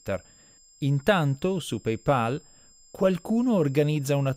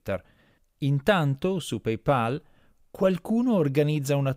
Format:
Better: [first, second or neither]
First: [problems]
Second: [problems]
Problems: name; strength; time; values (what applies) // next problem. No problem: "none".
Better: second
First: high-pitched whine; faint; throughout; 7.5 kHz, 30 dB below the speech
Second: none